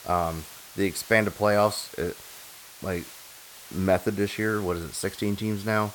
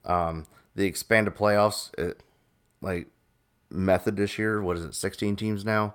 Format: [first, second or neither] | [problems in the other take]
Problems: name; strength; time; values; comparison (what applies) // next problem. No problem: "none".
second | hiss; noticeable; throughout; 15 dB below the speech